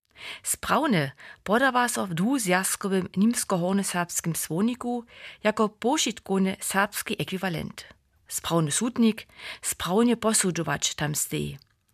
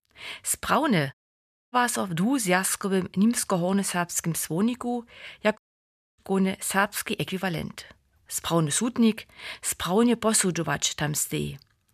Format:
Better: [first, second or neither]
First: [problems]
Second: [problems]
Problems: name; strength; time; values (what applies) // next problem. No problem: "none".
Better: first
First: none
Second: audio cutting out; at 1 s for 0.5 s and at 5.5 s for 0.5 s